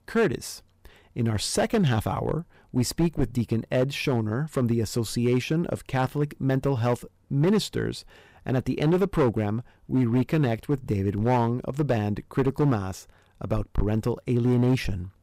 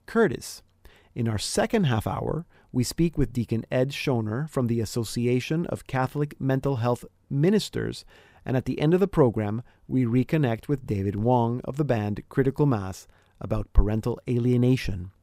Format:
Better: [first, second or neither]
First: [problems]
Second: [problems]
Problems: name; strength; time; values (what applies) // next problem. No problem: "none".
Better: second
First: distortion; slight; 5% of the sound clipped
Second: none